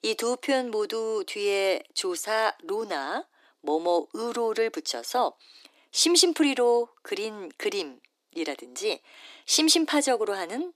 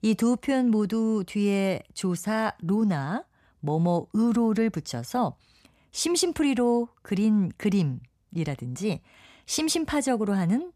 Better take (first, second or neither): second